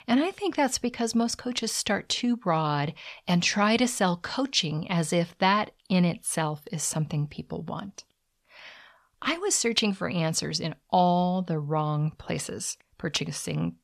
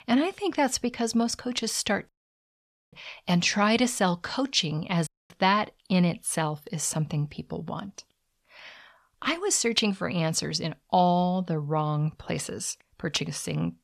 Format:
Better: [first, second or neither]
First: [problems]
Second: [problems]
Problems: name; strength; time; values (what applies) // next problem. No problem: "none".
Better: first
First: none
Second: audio cutting out; at 2 s for 1 s and at 5 s